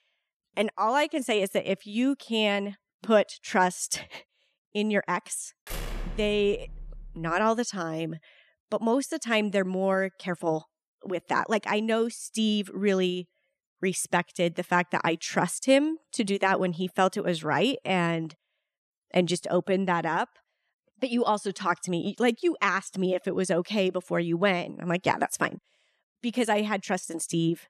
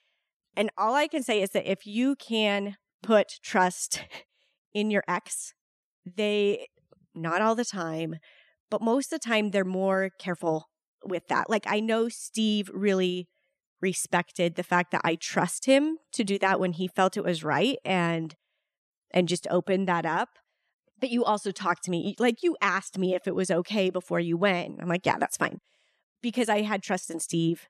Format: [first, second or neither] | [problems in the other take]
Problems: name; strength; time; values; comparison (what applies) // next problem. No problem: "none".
second | door banging; noticeable; from 5.5 to 7.5 s; peak 9 dB below the speech